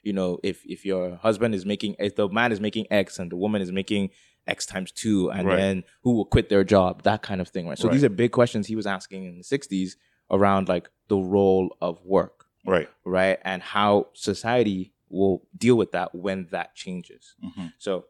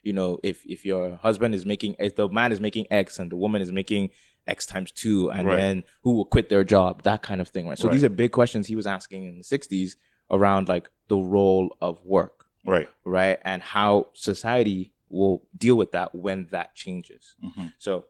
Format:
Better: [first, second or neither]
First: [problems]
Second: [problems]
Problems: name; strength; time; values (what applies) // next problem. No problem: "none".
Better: first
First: none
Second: garbled, watery; slightly; nothing above 18.5 kHz